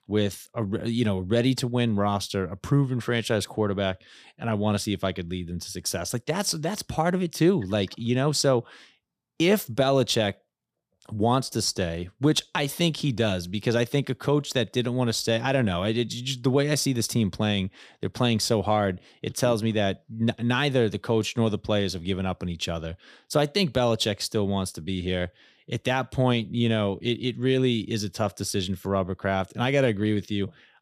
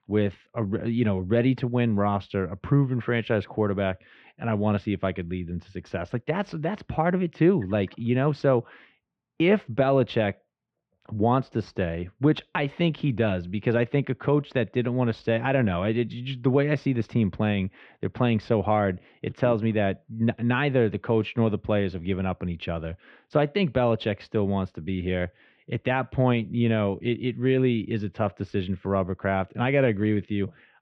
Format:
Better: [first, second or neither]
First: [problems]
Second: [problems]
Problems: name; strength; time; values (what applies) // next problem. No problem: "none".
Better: first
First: none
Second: muffled; very; fading above 2.5 kHz